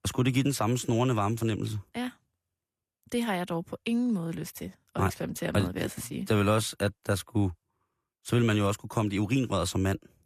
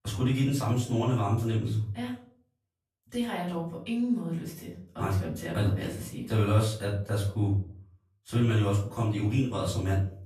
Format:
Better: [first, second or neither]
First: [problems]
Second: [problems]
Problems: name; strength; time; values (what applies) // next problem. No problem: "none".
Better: first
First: none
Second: off-mic speech; far // room echo; noticeable; dies away in 0.4 s